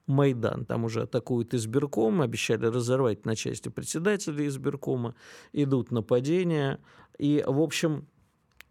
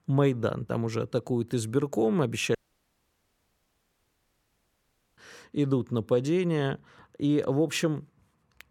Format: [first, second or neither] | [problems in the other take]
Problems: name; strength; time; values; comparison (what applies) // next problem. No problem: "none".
first | audio cutting out; at 2.5 s for 2.5 s